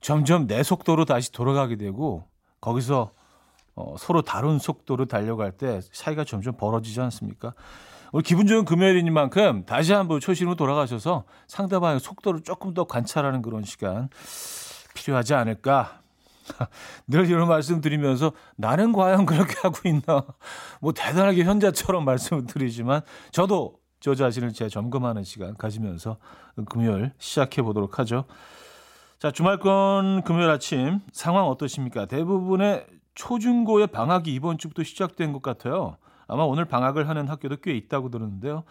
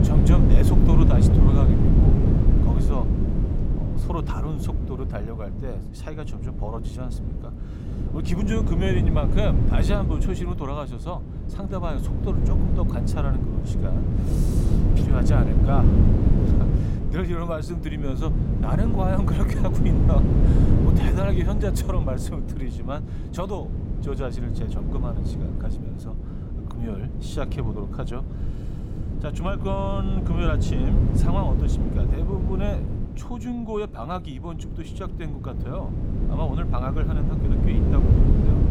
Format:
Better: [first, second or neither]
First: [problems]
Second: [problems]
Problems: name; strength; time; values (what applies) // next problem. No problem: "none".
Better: first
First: none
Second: wind noise on the microphone; heavy; as loud as the speech